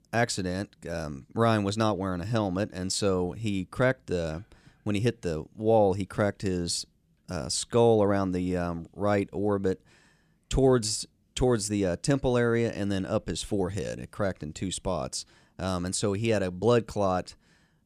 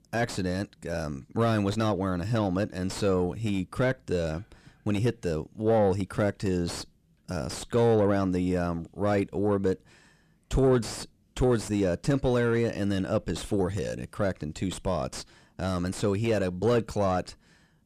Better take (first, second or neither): first